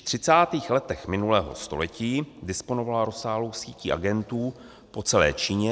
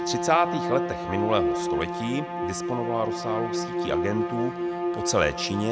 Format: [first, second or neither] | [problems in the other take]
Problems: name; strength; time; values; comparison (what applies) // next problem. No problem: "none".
first | background sound (Bowed string instrument); 1 dB below the speech